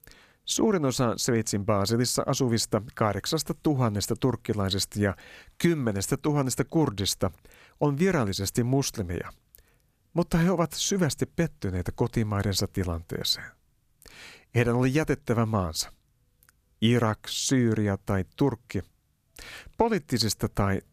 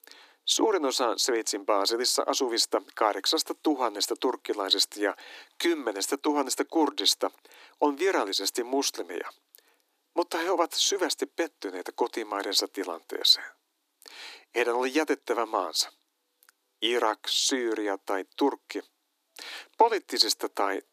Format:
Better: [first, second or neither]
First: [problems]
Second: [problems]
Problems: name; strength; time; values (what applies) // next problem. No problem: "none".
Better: first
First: none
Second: thin; somewhat; fading below 300 Hz